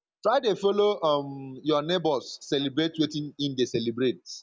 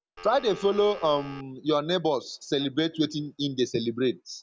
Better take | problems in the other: first | background sound (Telephone); 17 dB below the speech

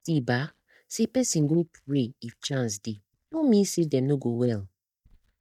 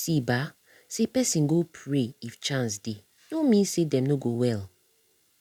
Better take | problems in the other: second | noise reduction (neural mask model DeepFilterNet 3)

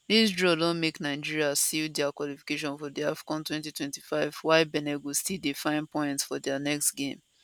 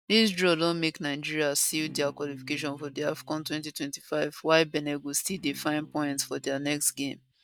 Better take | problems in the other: first | noise reduction (neural mask model DeepFilterNet 3)

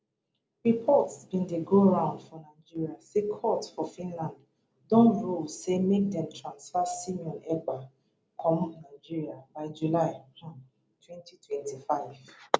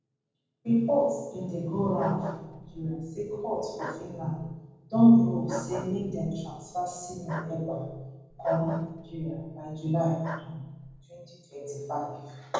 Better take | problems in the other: first | background sound (Bark); 13 dB below the speech // room echo; dies away in 1.1 s

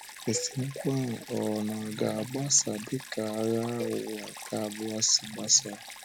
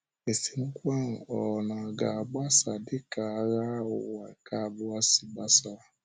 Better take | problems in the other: second | background sound (Cowbell + Stream); 13 dB below the speech

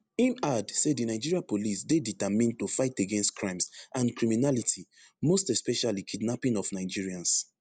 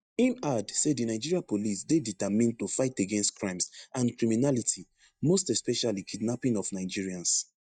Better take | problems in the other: first | noise reduction (neural mask model DeepFilterNet 3)

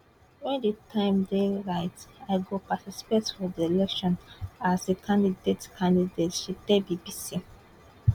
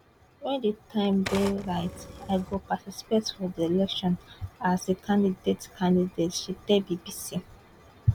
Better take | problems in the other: first | background sound (Typewriter); 12 dB below the speech

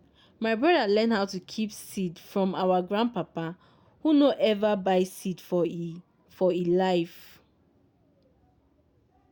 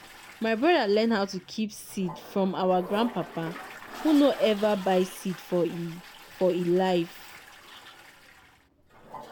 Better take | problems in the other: first | background sound (Toilet flush); 17 dB below the speech

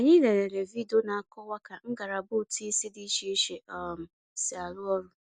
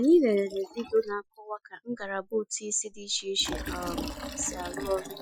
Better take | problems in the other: first | noise reduction (classical method Wiener filter)

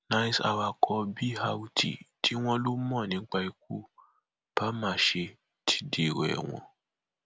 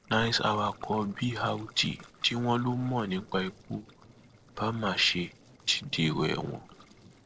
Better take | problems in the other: first | noise reduction (neural separator model SepFormer DNS4)

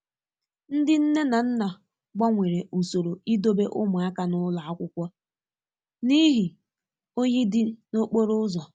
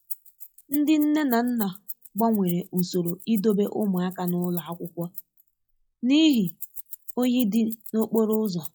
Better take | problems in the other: first | noise reduction (classical method log-MMSE)

